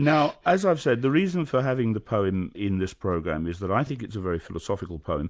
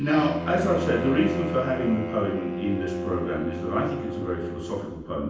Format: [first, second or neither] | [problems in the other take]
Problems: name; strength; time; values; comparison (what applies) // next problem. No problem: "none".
first | background sound (Bowed string instrument); 5 dB below the speech // room echo; dies away in 0.9 s